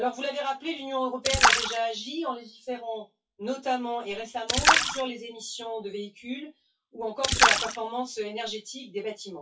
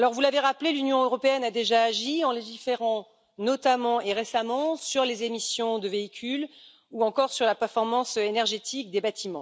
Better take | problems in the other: second | noise reduction (classical method WPE with log-MMSE)

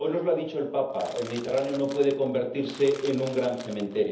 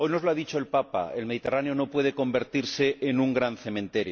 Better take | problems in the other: second | background sound (Crushing); 19 dB below the speech // room echo; dies away in 0.7 s

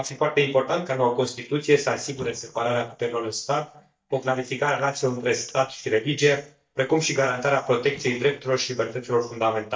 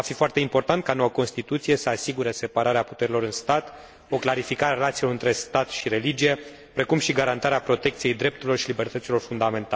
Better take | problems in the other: second | noise reduction (neural mask model DeepFilterNet 3)

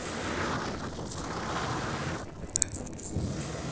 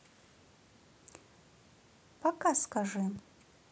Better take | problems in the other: second | noise reduction (neural separator model SepFormer DNS4)

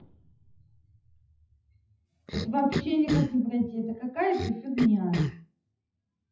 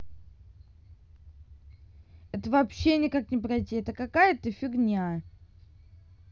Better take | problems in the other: second | noise reduction (classical method WPE with log-MMSE)

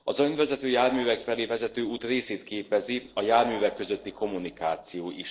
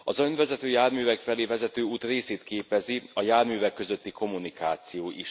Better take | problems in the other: second | noise reduction (neural separator model SepFormer DNS4)

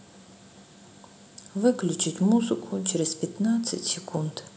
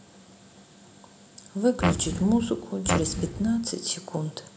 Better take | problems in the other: first | background sound (Fart); 1 dB below the speech

